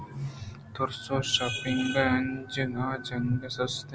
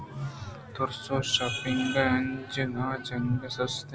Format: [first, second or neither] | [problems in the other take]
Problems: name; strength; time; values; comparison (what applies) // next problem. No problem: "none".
first | background sound (Crowd); 20 dB below the speech